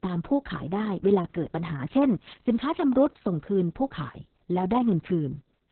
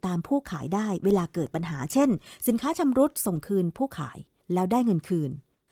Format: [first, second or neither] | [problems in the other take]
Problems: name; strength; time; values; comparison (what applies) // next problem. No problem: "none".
second | garbled, watery; badly; nothing above 4 kHz; slightly in the second